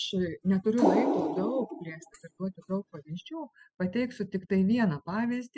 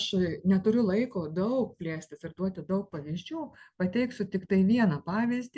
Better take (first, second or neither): second